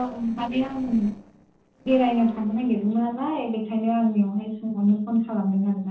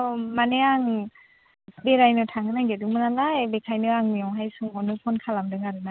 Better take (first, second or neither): second